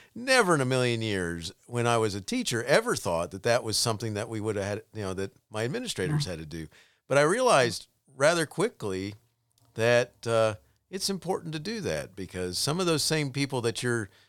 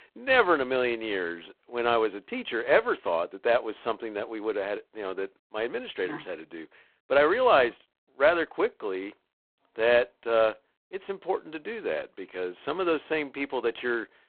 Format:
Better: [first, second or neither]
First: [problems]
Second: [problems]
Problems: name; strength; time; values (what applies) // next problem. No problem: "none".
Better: first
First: none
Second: phone-call audio; poor line; nothing above 3.5 kHz